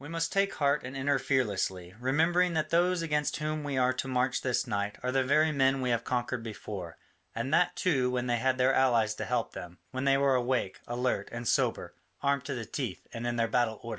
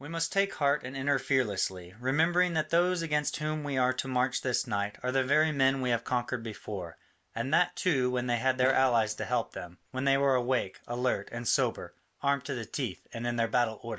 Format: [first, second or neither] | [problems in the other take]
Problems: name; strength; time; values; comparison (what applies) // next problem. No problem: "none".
first | noise reduction (neural mask model Resemble Enhance denoiser)